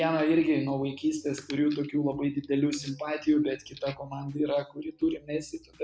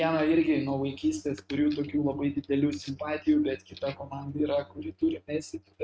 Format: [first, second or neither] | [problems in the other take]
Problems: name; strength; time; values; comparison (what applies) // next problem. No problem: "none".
first | noise reduction (neural mask model RNNoise)